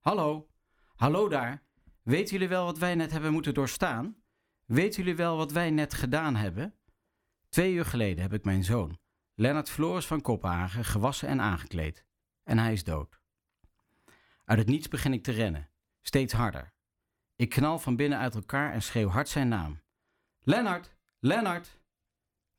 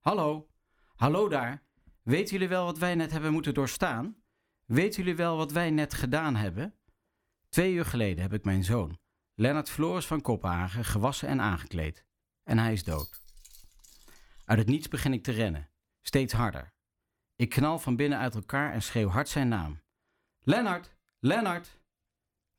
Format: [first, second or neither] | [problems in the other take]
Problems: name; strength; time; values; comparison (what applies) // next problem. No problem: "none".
first | jangling keys; faint; from 13 to 15 s; peak 15 dB below the speech